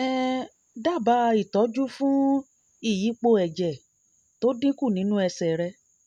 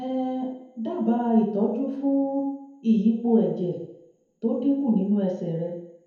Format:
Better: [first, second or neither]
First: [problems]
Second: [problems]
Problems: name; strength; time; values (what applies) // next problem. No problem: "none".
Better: first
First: none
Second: room echo; dies away in 0.9 s